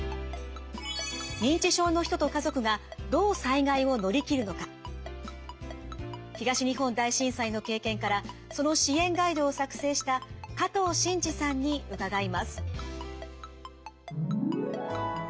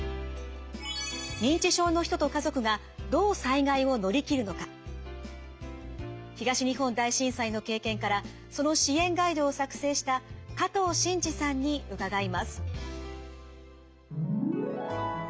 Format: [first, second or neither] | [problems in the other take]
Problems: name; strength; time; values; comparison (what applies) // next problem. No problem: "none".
second | background sound (Ringtone); 19 dB below the speech